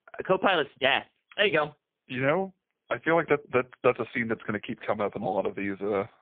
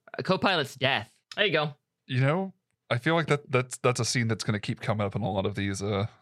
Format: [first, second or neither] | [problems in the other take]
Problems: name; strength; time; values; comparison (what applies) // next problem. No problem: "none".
second | phone-call audio; poor line; nothing above 3.5 kHz